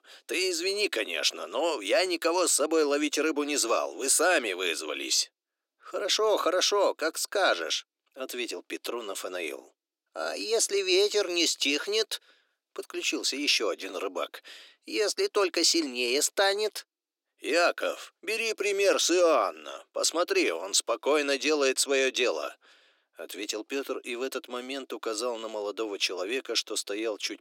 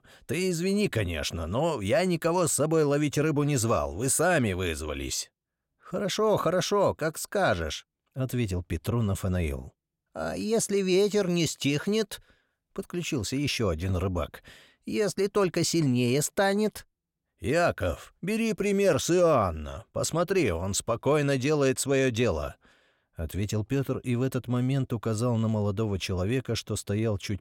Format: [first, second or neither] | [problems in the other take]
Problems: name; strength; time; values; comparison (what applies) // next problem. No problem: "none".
second | thin; somewhat; fading below 300 Hz